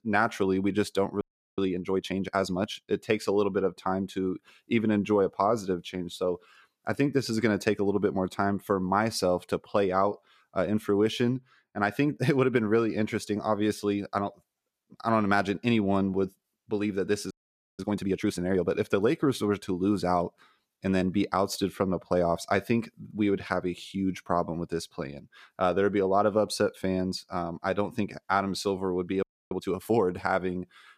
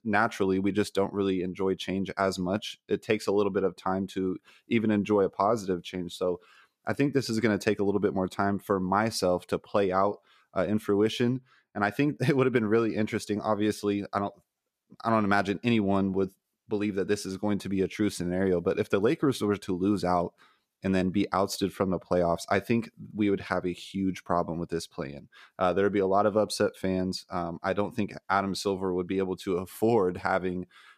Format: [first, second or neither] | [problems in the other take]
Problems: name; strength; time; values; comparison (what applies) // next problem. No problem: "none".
second | audio freezing; at 1 s, at 17 s and at 29 s